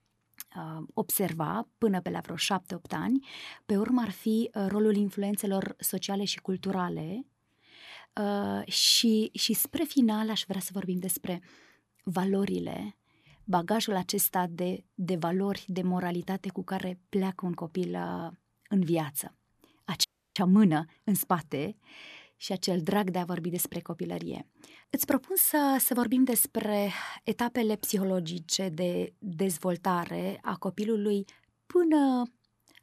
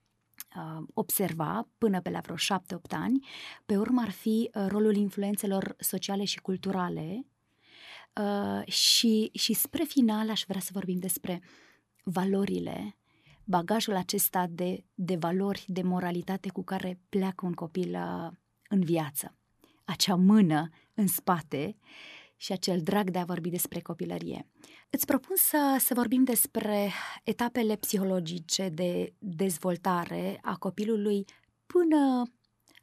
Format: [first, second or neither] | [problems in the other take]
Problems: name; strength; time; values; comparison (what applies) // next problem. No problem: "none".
second | audio freezing; at 20 s